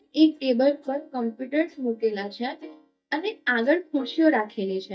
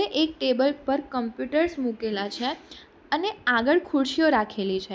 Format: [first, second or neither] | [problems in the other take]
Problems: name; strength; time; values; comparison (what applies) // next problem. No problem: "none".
second | noise reduction (neural mask model DeepFilterNet 3)